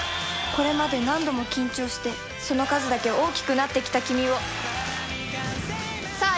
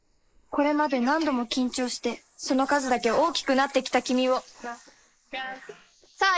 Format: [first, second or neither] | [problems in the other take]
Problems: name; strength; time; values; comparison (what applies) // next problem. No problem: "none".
first | noise reduction (neural mask model Resemble Enhance denoiser)